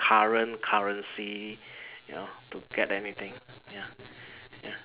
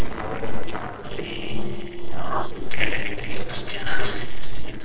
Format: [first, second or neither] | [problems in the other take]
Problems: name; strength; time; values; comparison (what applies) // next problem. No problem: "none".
first | noise reduction (neural separator model SepFormer DNS4)